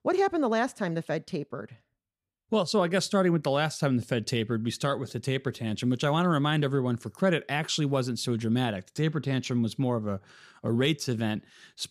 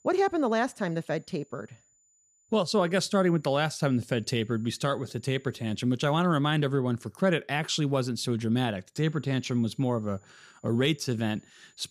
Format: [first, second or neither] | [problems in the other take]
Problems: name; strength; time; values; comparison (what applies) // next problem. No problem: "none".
first | high-pitched whine; faint; until 6 s and from 9 s on; 7 kHz, 35 dB below the speech